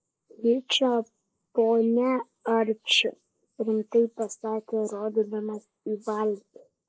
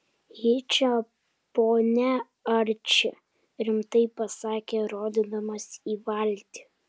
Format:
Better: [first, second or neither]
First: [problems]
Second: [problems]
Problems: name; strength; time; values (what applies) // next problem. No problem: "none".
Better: second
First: noise reduction (neural mask model Resemble Enhance denoiser)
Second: none